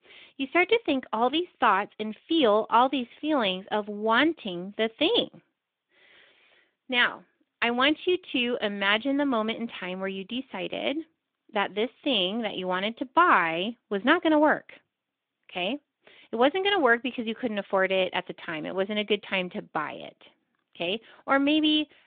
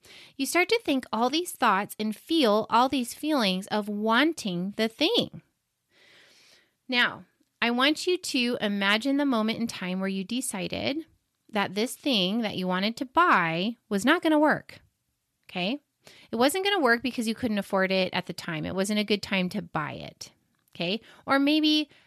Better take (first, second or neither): second